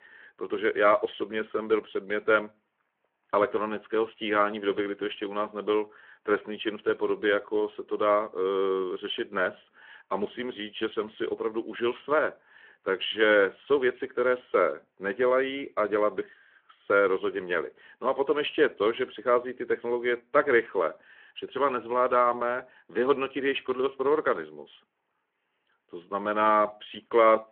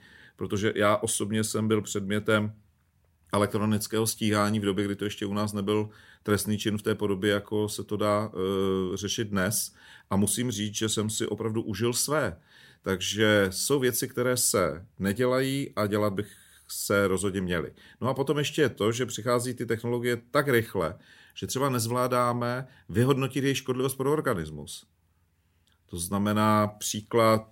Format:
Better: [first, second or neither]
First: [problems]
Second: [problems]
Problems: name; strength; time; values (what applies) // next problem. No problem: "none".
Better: second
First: phone-call audio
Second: none